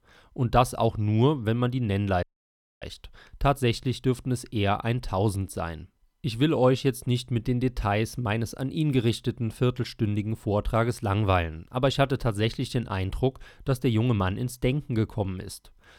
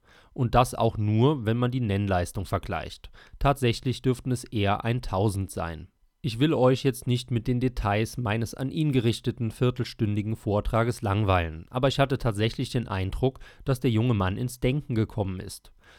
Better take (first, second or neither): second